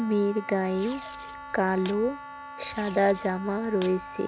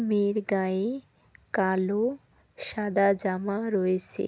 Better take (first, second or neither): second